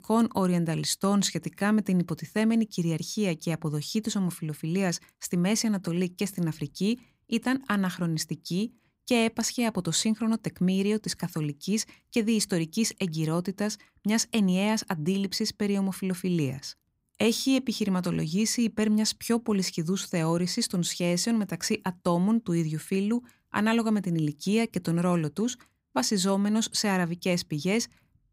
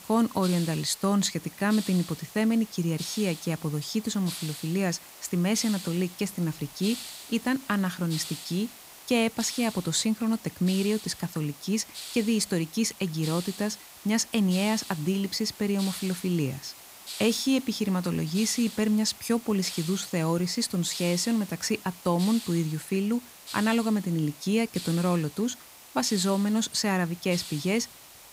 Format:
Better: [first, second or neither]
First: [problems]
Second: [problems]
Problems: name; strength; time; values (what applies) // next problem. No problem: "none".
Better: first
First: none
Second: hiss; noticeable; throughout; 15 dB below the speech